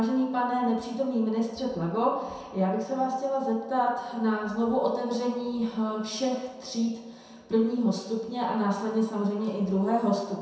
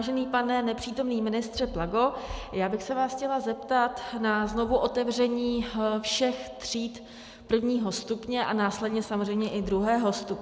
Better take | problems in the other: second | room echo; dies away in 0.7 s

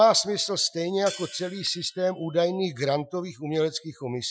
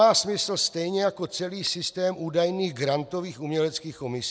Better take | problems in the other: second | noise reduction (classical method Wiener filter)

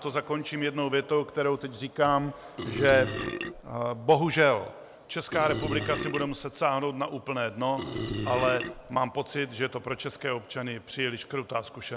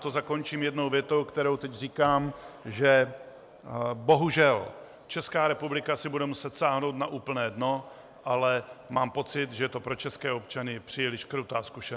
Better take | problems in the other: second | background sound (Burping, eructation); 5 dB below the speech

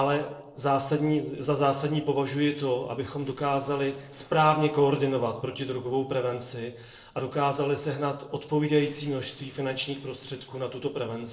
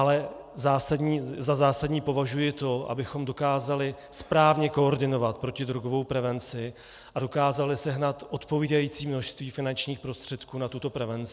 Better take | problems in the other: second | noise reduction (neural separator model SepFormer DNS4)

